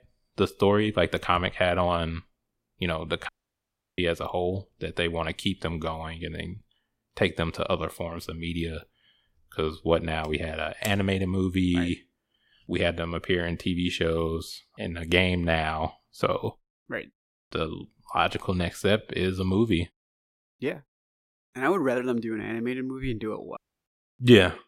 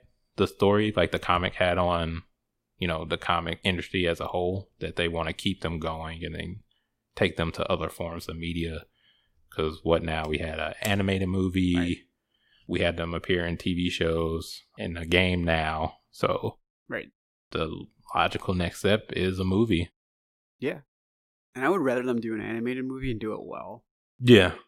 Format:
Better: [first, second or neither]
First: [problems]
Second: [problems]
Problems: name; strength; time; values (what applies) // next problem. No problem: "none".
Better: second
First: audio cutting out; at 3.5 s for 0.5 s and at 24 s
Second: none